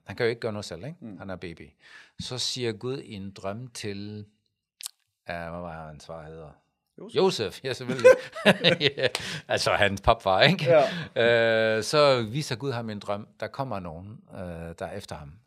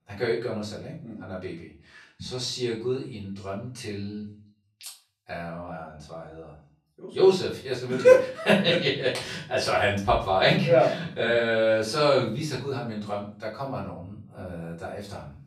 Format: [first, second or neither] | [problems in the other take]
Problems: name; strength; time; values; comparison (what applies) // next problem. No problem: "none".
first | off-mic speech; far // room echo; slight; dies away in 0.4 s